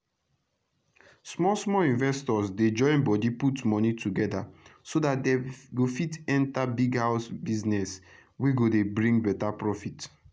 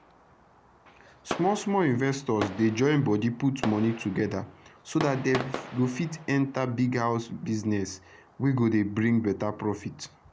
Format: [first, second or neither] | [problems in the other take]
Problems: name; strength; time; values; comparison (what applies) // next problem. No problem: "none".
first | background sound (Fireworks); 14 dB below the speech